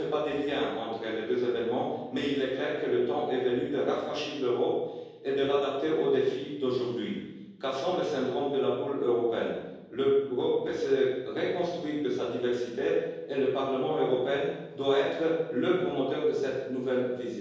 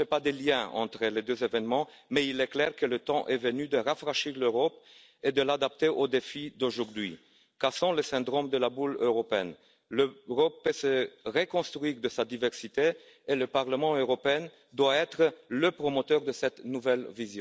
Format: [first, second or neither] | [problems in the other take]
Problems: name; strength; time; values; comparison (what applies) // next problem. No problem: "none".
second | room echo; dies away in 1.3 s